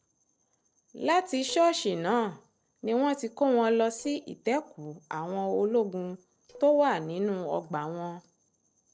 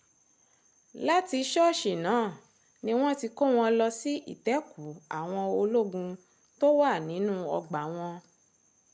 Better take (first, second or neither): second